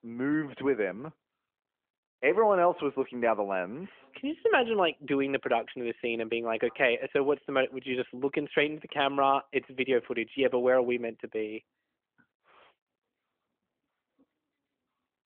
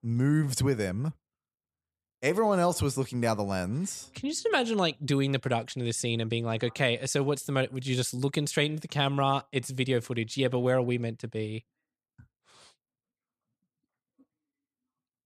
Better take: second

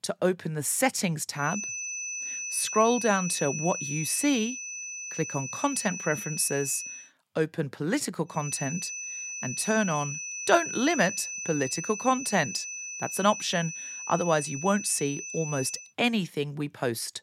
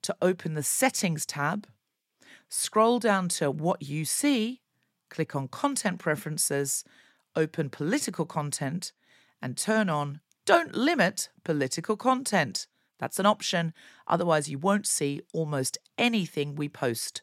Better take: second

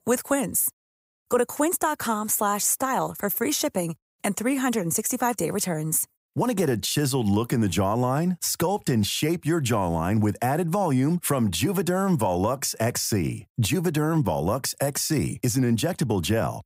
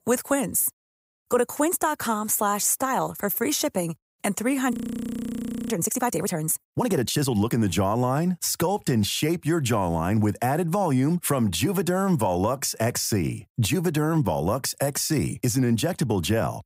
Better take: first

